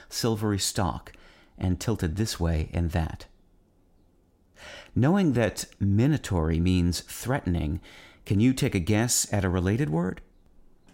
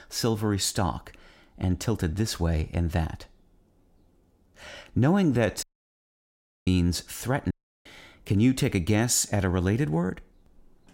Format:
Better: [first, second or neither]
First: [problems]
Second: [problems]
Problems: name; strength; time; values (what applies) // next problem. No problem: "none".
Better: first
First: none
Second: audio cutting out; at 5.5 s for 1 s and at 7.5 s